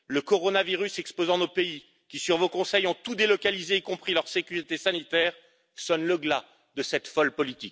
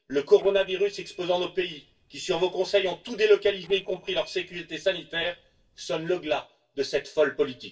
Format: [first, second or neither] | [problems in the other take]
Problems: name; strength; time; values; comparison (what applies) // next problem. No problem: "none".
first | noise reduction (neural separator model SepFormer DNS4)